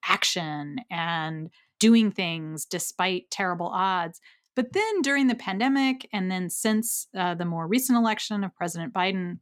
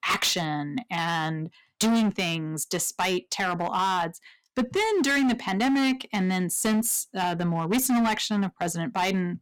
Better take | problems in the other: first | distortion; heavy; 13% of the sound clipped

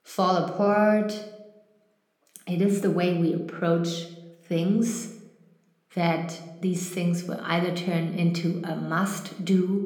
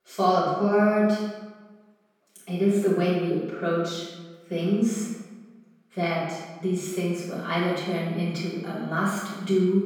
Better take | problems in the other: first | room echo; strong; dies away in 1.1 s; slight in the first // off-mic speech; far

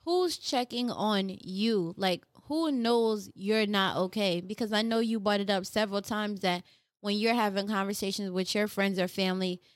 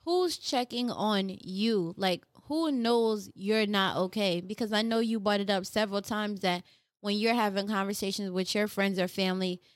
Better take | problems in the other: neither | none

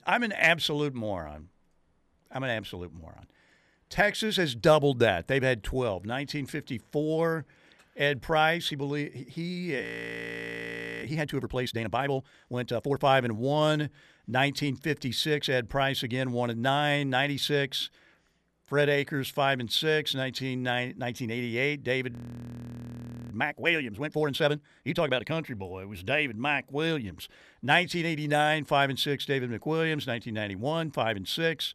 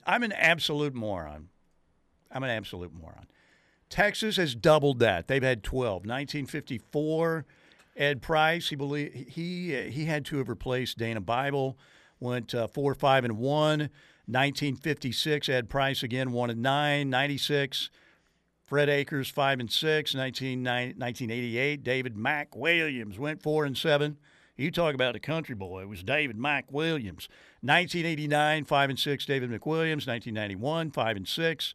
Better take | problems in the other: second | audio freezing; at 10 s for 1 s and at 22 s for 1 s

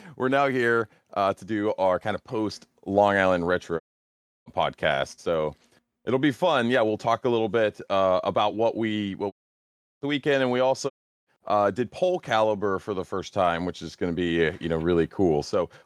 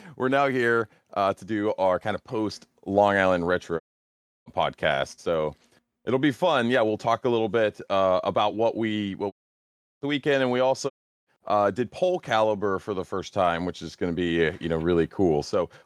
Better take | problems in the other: neither | audio cutting out; at 4 s for 0.5 s, at 9.5 s for 0.5 s and at 11 s; the same in both

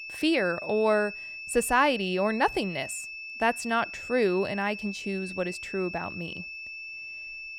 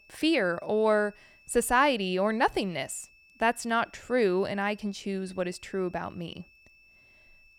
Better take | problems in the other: second | high-pitched whine; loud; throughout; 2.5 kHz, 9 dB below the speech; faint in the second

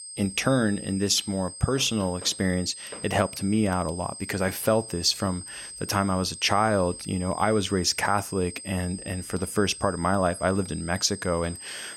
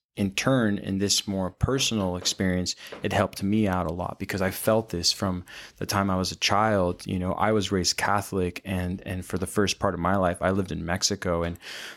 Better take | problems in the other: second | high-pitched whine; noticeable; throughout; 8.5 kHz, 10 dB below the speech

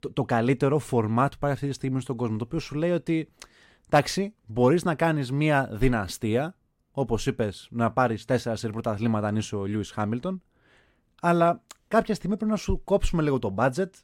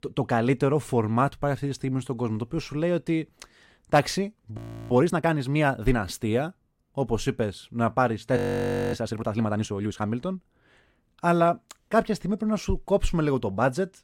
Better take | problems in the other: first | audio freezing; at 4.5 s and at 8.5 s for 0.5 s

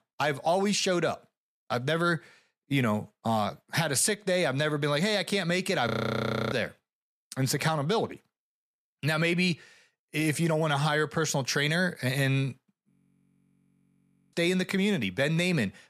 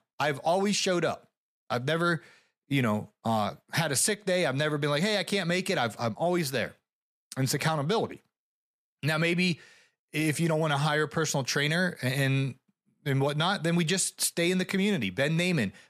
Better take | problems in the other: second | audio freezing; at 6 s for 0.5 s and at 13 s for 1.5 s

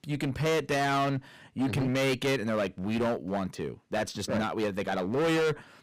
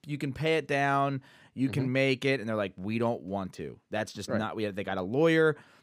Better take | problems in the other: second | distortion; heavy; 19% of the sound clipped

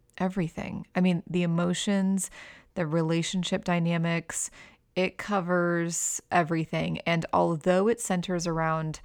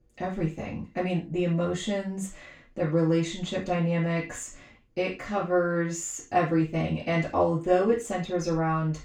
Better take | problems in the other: first | room echo; slight; dies away in 0.3 s // off-mic speech; far

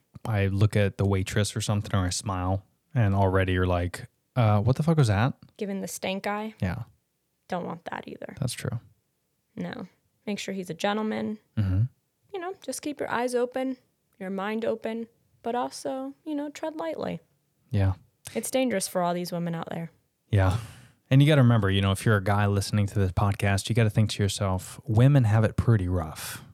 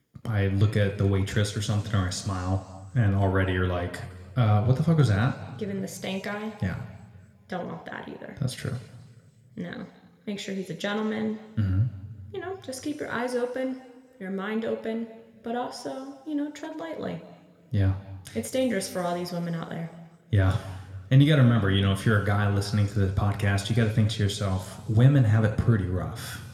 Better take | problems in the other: first | room echo; slight; dies away in 1.7 s

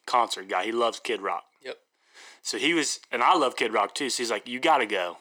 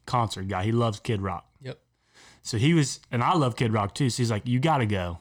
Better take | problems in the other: second | thin; very; fading below 350 Hz

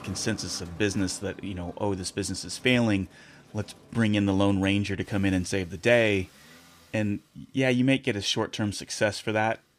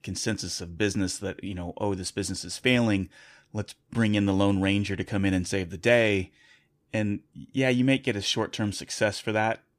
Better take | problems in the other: second | traffic noise; faint; throughout; 25 dB below the speech

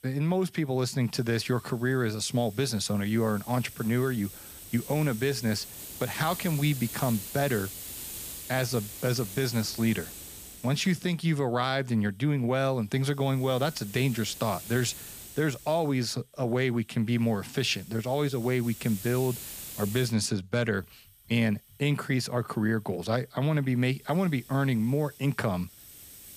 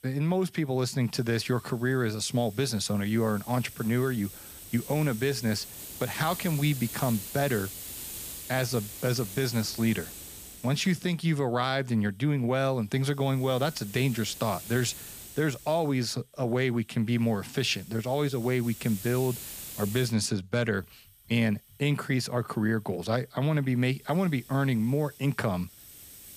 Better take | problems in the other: neither | hiss; noticeable; throughout; 15 dB below the speech; the same in both

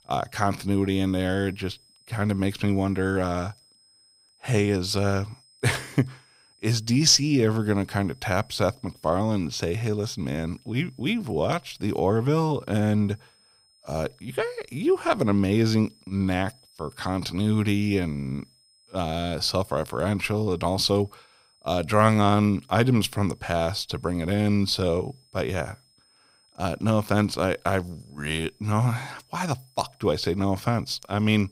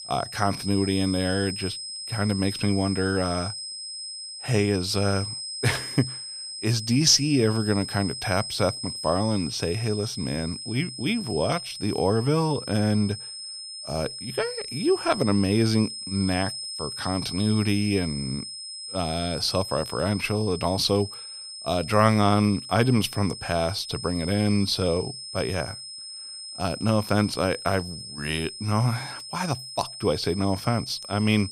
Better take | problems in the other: first | high-pitched whine; loud; throughout; 5 kHz, 8 dB below the speech; faint in the first

